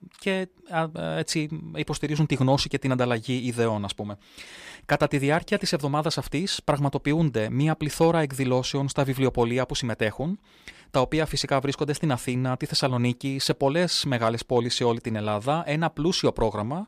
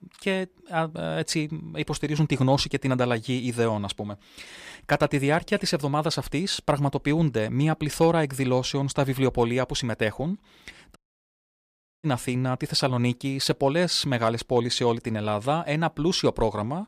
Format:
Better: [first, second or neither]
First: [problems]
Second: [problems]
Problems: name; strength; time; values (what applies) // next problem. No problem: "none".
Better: first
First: none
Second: audio cutting out; at 11 s for 1 s